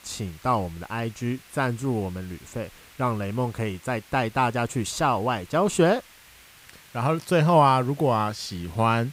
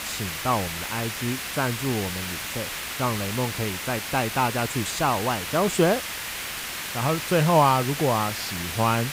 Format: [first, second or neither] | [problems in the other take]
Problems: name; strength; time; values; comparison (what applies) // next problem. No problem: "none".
first | hiss; loud; throughout; 5 dB below the speech; faint in the first